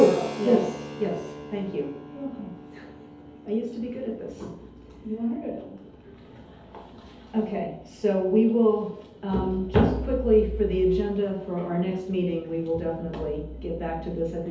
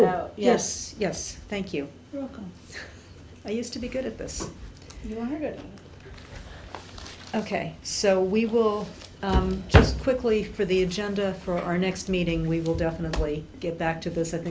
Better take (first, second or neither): second